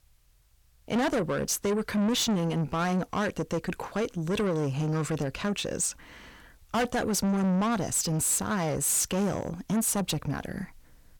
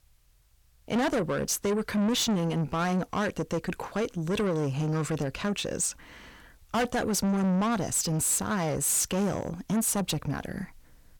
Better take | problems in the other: neither | distortion; heavy; 6 dB below the speech; the same in both

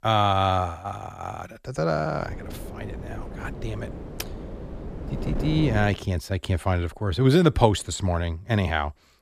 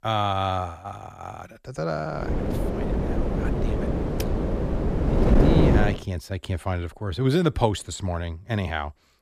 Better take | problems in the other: first | wind noise on the microphone; heavy; from 2 to 6 s; as loud as the speech; occasional gusts in the first

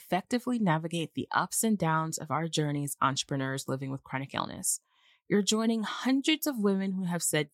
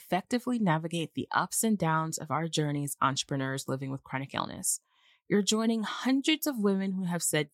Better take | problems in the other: neither | none

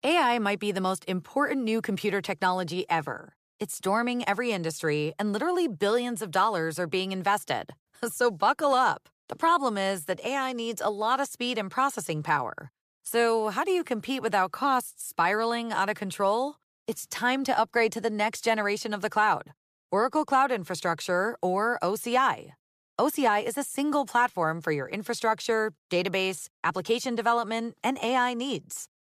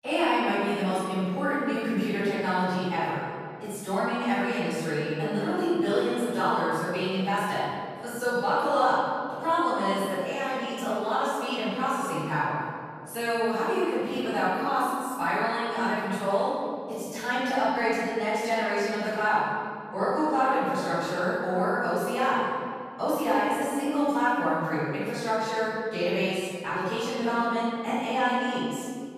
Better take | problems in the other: first | off-mic speech; far // room echo; strong; dies away in 2.1 s

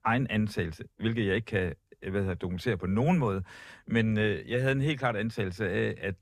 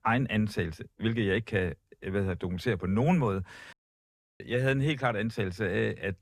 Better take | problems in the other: first | audio cutting out; at 3.5 s for 0.5 s

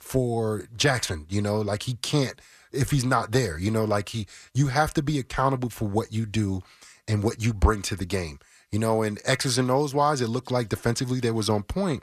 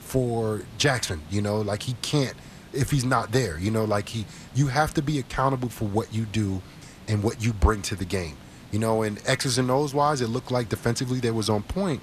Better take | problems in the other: first | hiss; noticeable; throughout; 20 dB below the speech

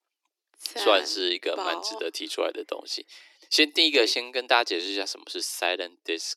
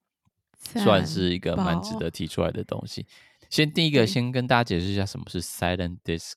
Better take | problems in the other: second | thin; very; fading below 300 Hz

